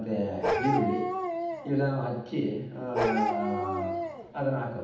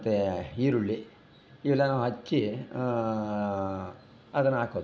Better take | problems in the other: second | background sound (Bark); as loud as the speech // room echo; dies away in 0.8 s

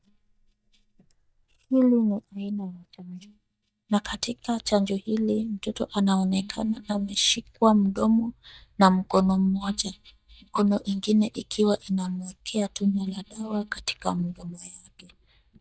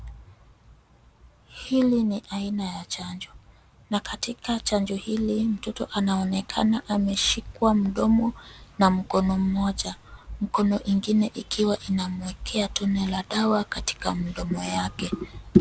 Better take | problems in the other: second | noise reduction (neural mask model DeepFilterNet 3)

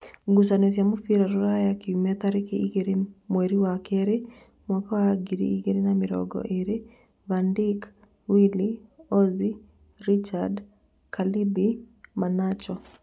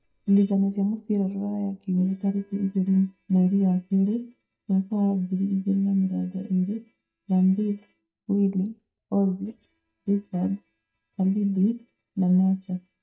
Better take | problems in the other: first | noise reduction (neural mask model DeepFilterNet 3)

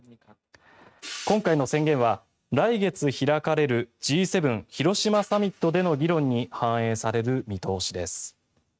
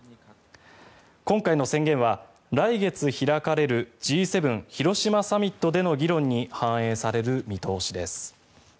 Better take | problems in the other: second | noise reduction (neural mask model RNNoise)

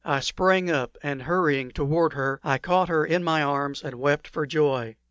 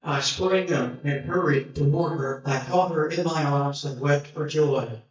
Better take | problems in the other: first | noise reduction (neural mask model DeepFilterNet 3)

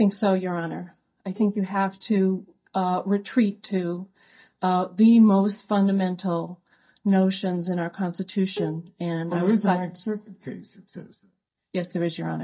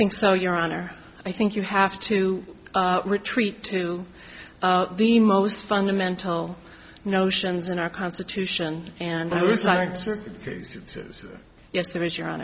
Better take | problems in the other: second | noise reduction (neural mask model DeepFilterNet 3)

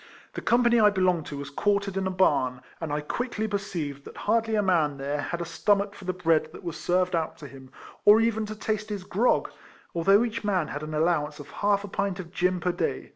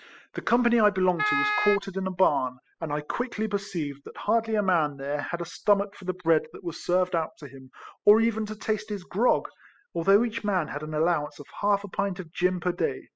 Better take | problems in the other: first | noise reduction (classical method spectral subtraction)

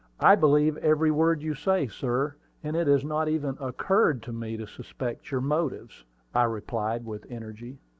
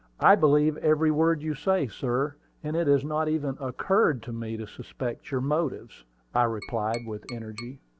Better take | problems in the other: first | background sound (Tap); 19 dB below the speech

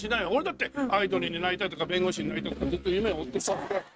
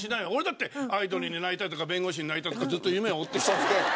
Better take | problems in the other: second | noise reduction (neural mask model RNNoise)

